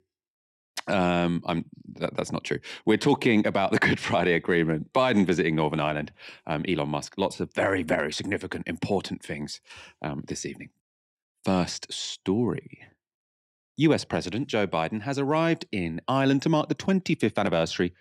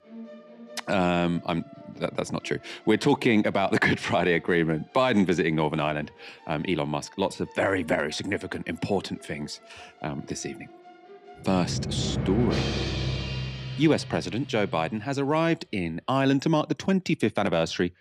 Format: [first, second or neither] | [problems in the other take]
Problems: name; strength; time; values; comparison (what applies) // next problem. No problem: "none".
first | background music; loud; throughout; 8 dB below the speech